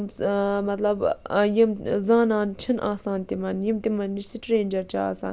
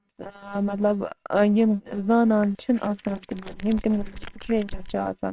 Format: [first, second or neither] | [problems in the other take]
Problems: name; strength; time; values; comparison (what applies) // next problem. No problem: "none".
first | noise reduction (neural separator model SepFormer WHAMR!)